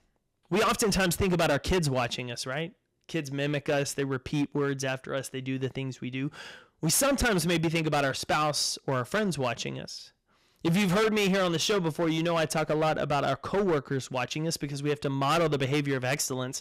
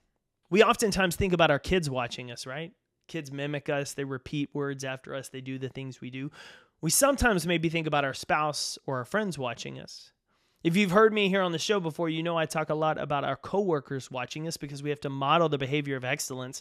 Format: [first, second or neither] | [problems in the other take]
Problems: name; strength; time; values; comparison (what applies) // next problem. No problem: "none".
second | distortion; heavy; 12% of the sound clipped